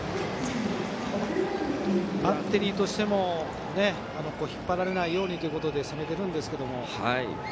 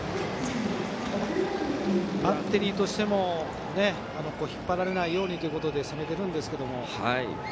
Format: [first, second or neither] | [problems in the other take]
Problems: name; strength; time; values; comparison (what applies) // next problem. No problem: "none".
first | background sound (Cupboard open or close / Door); 18 dB below the speech